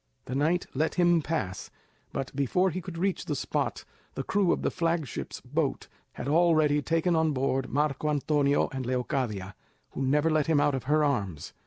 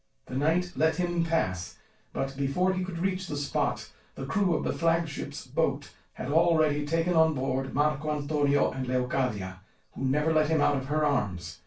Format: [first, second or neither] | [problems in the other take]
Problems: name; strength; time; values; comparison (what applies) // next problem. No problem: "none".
first | room echo; dies away in 0.2 s